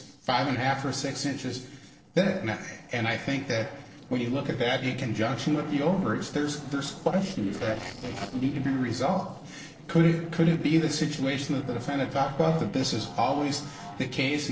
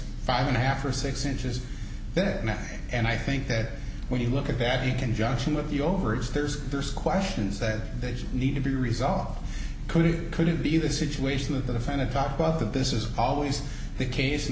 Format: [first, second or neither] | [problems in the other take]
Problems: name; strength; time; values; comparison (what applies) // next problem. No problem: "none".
second | noise reduction (neural separator model SepFormer DNS4)